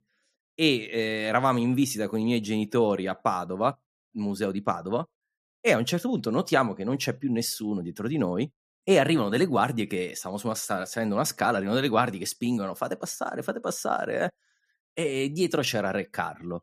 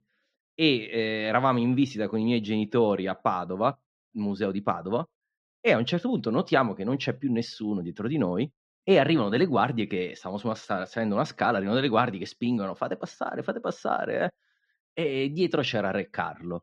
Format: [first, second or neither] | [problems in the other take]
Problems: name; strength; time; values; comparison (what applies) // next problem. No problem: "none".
first | muffled; very slightly; fading above 4 kHz